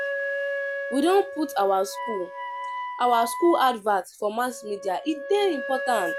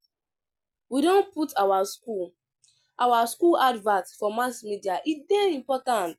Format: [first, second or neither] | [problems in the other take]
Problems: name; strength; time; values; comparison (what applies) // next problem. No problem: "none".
second | background sound (Wind instrument, woodwind instrument + Wind instrument, woodwind instrument); 7 dB below the speech